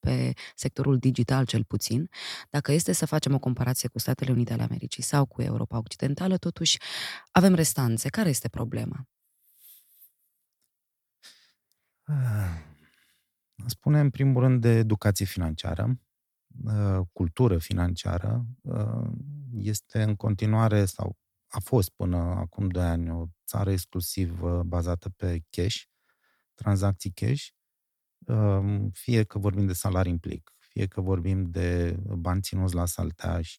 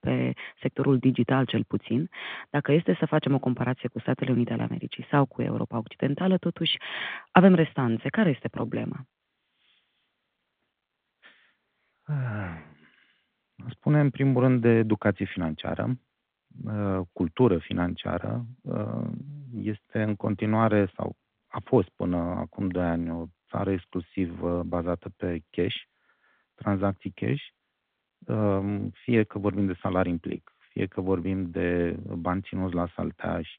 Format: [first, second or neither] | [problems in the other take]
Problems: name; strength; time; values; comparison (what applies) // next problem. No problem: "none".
first | phone-call audio; nothing above 3.5 kHz